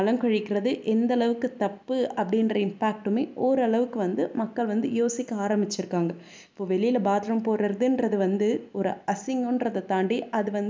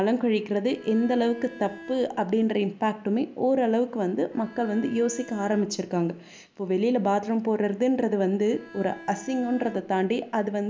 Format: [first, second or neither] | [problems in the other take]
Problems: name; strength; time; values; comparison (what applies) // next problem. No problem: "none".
first | background sound (Bowed string instrument); 19 dB below the speech